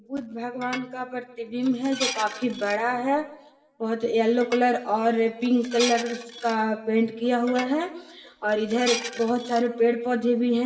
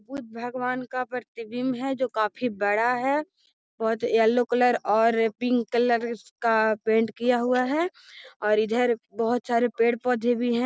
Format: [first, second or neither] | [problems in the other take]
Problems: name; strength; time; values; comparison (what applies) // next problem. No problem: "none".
second | background sound (Dishes, pots, and pans); 12 dB below the speech // room echo; dies away in 0.8 s